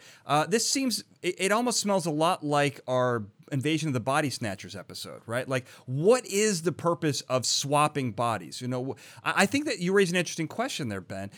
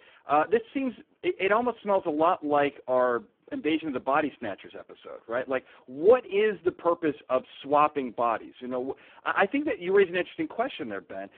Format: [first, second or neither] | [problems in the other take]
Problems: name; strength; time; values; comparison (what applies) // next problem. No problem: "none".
first | phone-call audio; poor line